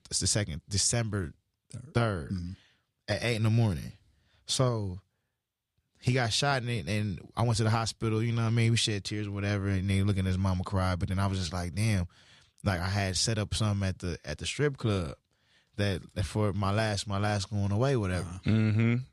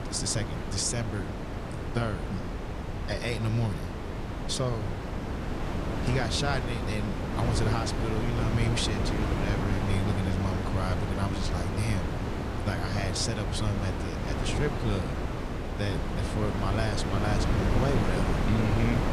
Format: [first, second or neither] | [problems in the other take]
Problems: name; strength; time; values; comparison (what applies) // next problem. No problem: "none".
first | wind noise on the microphone; heavy; 1 dB below the speech